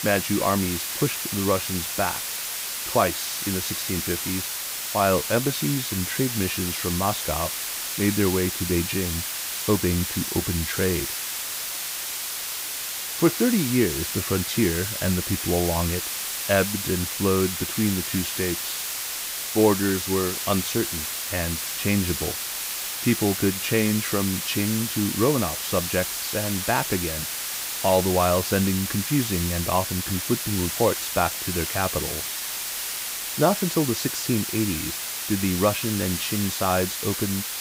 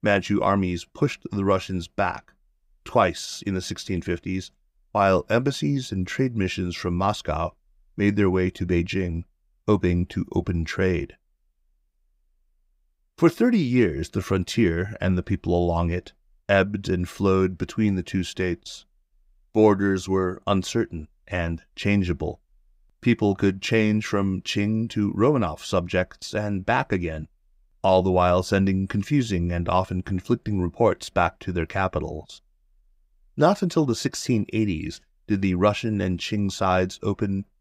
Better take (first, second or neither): second